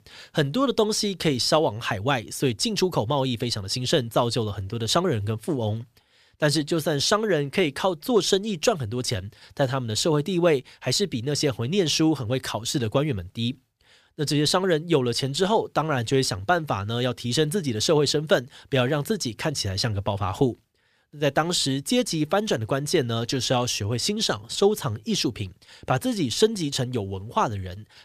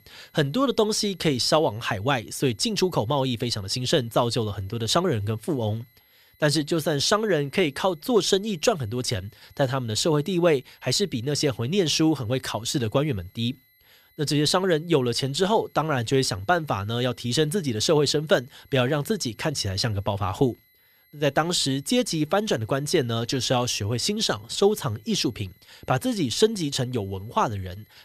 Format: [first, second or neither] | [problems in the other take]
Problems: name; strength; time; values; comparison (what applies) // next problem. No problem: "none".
first | high-pitched whine; faint; throughout; 2 kHz, 35 dB below the speech